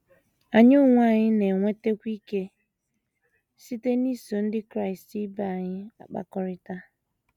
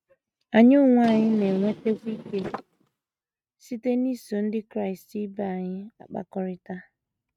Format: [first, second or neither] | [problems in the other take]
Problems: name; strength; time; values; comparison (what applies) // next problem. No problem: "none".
first | noise reduction (neural mask model RNNoise)